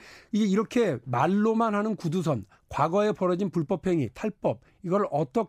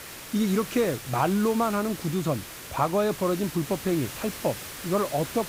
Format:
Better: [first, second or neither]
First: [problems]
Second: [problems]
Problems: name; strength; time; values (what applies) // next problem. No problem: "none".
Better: first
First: none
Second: hiss; noticeable; throughout; 10 dB below the speech